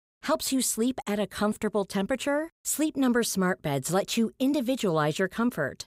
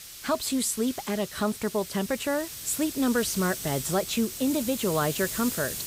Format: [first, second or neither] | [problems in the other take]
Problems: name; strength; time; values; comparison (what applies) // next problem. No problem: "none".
first | hiss; loud; throughout; 7 dB below the speech